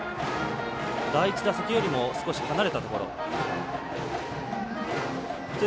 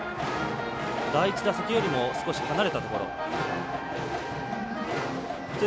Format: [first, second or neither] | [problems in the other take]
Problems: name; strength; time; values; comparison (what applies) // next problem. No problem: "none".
first | background sound (Trumpet); 11 dB below the speech